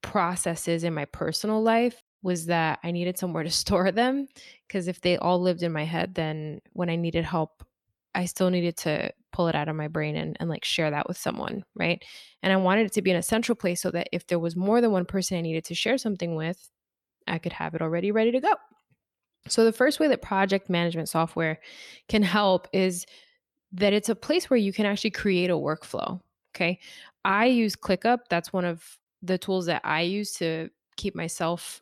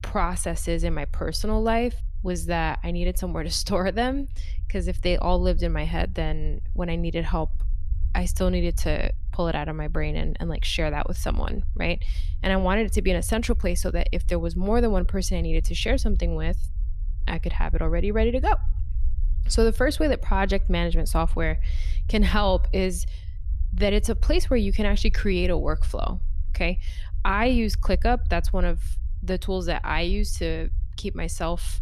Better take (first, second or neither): first